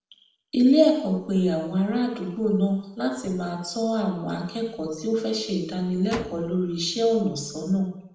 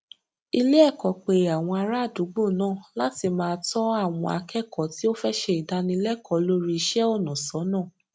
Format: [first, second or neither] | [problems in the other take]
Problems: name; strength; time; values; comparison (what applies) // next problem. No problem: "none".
second | background sound (Slam); 18 dB below the speech // room echo; dies away in 0.7 s